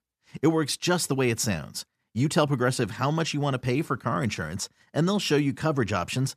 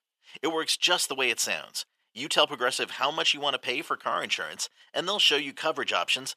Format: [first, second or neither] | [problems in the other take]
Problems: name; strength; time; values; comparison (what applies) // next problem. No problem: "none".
first | thin; very; fading below 650 Hz